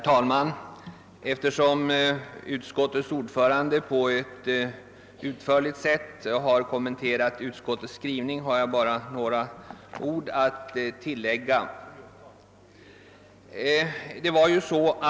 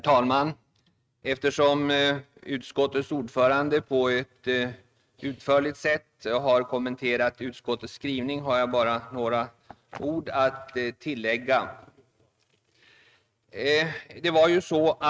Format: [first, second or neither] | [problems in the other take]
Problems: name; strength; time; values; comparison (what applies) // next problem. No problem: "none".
first | noise reduction (neural mask model RNNoise)